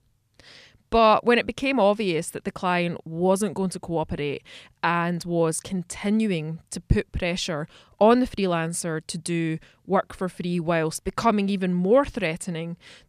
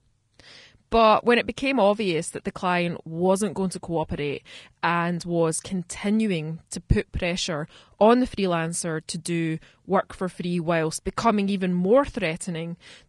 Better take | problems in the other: first | garbled, watery; slightly; nothing above 10.5 kHz

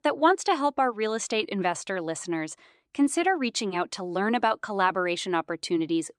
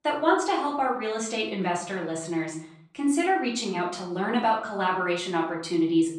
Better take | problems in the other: first | room echo; slight; dies away in 0.7 s // off-mic speech; far

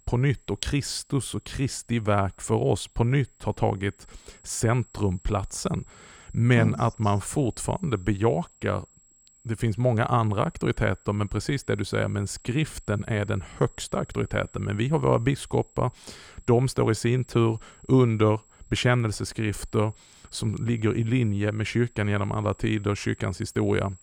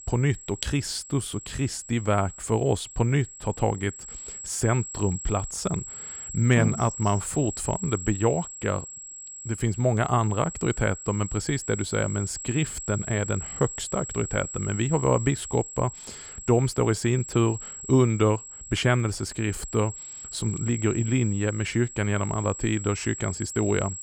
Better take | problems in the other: first | high-pitched whine; loud; throughout; 7.5 kHz, 10 dB below the speech; faint in the first

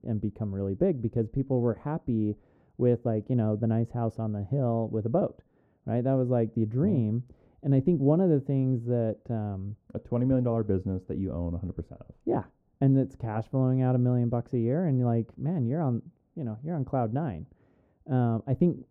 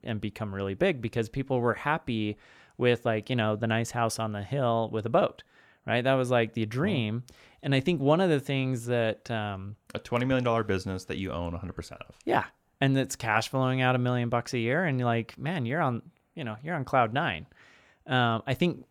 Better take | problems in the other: second | muffled; very; fading above 1 kHz

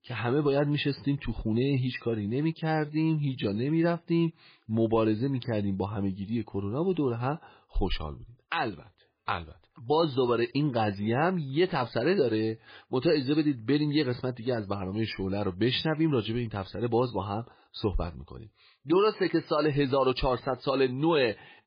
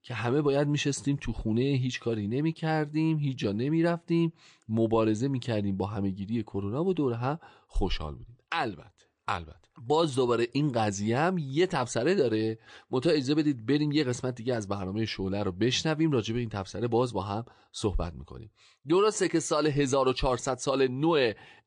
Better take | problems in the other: second | garbled, watery; badly; nothing above 4.5 kHz; slightly in the second

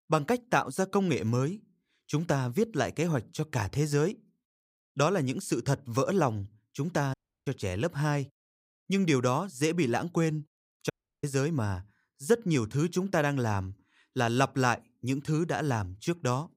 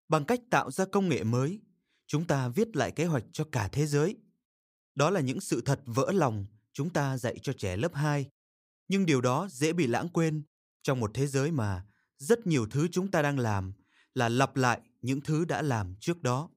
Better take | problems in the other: second | audio cutting out; at 7 s and at 11 s

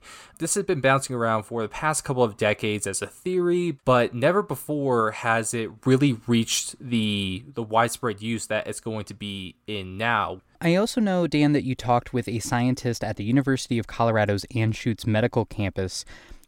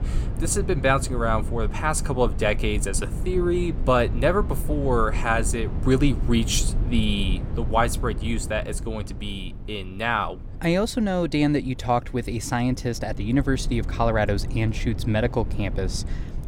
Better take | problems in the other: first | low rumble; noticeable; throughout; 15 dB below the speech

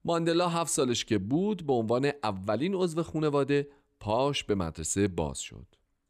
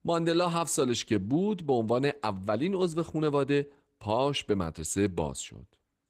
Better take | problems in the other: first | garbled, watery; slightly; nothing above 15.5 kHz

